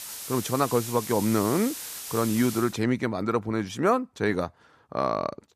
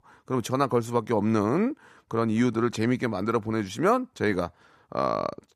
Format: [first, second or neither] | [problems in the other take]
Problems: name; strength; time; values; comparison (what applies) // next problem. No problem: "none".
second | hiss; loud; until 2.5 s; 8 dB below the speech